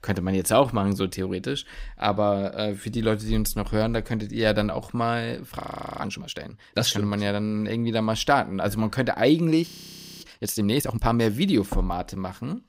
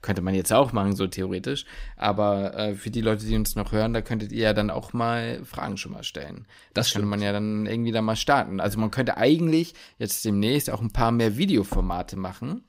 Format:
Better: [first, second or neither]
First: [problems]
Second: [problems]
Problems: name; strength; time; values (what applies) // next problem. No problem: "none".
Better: second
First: audio freezing; at 5.5 s and at 9.5 s for 0.5 s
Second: none